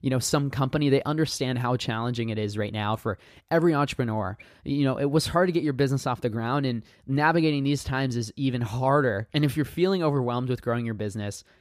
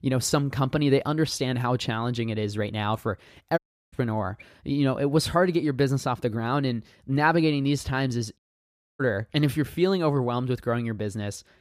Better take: first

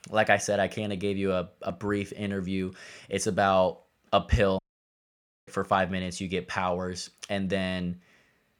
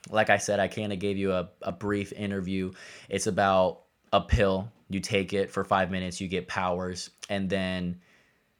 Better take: second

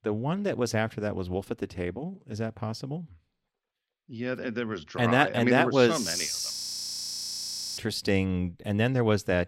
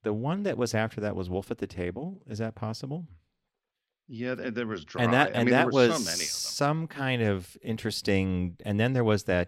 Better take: second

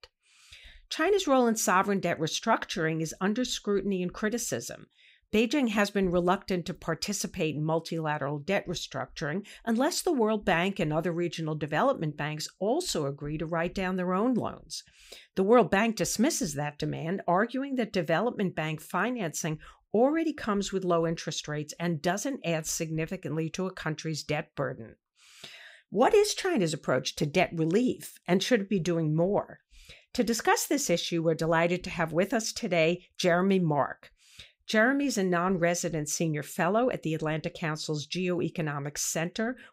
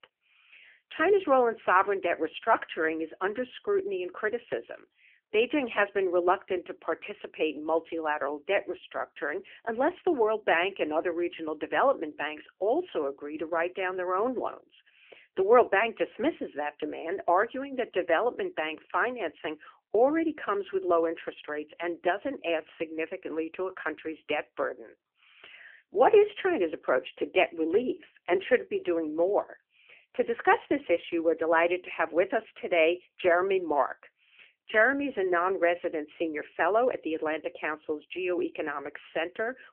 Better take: first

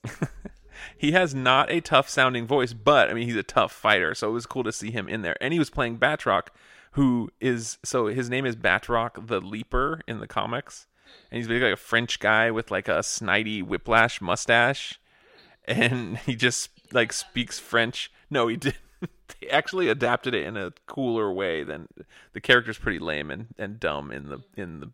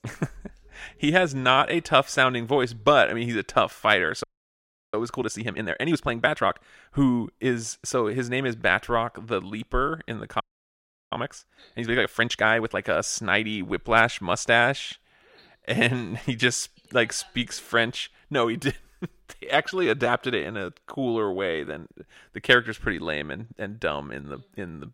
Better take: first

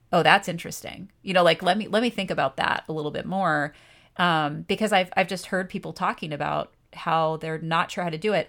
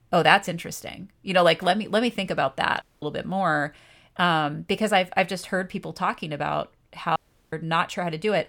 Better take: first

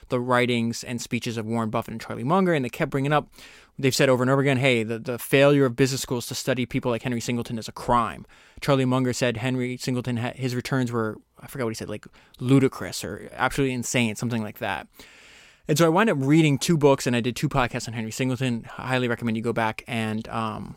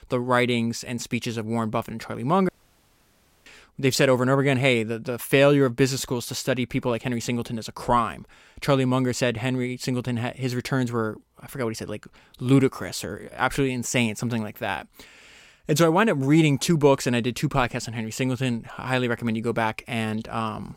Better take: first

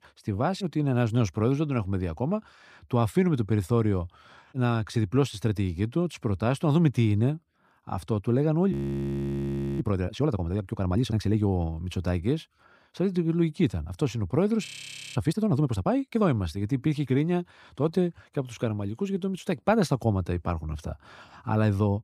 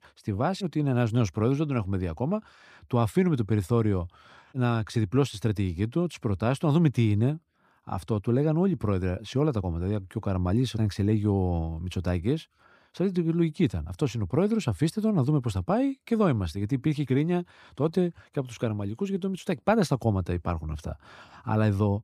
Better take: second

